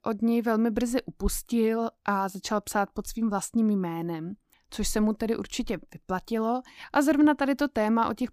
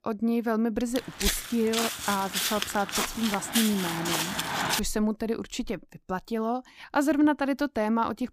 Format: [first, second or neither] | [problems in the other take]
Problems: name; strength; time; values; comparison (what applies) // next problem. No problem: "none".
first | footsteps; loud; from 1 to 5 s; peak 2 dB above the speech